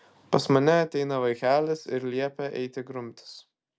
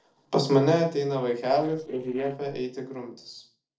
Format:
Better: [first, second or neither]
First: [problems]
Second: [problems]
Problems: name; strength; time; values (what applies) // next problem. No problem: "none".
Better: first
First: none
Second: noise reduction (neural separator model SepFormer DNS4)